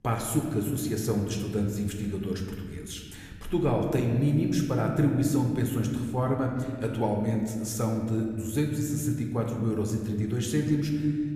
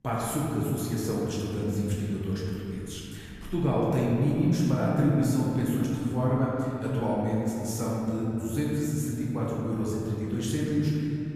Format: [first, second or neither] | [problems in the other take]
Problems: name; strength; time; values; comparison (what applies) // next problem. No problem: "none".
first | room echo; strong; dies away in 2.7 s; slight in the first // off-mic speech; far